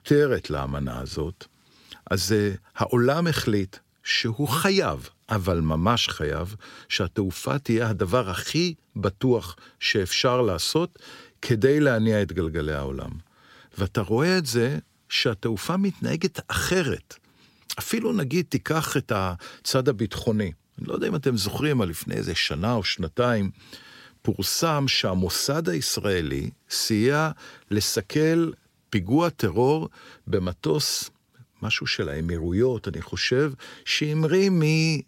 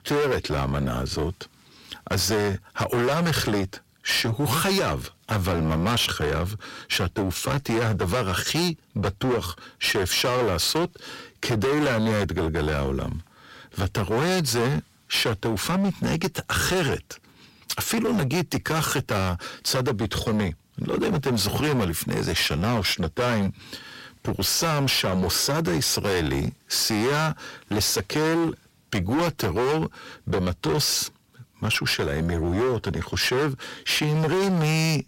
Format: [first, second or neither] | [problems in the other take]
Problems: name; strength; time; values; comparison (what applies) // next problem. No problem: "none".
first | distortion; heavy; 24% of the sound clipped